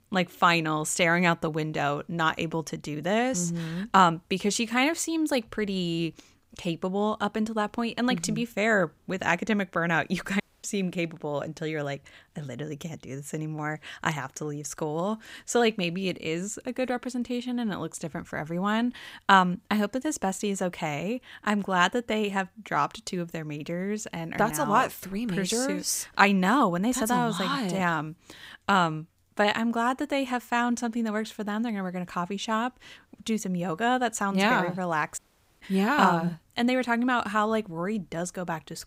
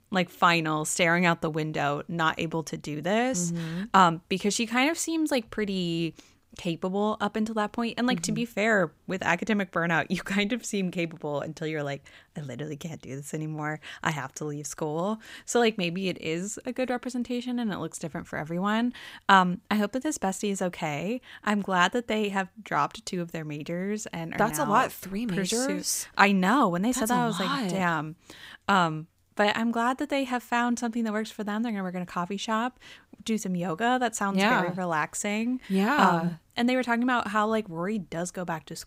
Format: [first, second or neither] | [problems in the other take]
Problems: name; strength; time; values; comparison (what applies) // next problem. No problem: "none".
second | audio cutting out; at 10 s and at 35 s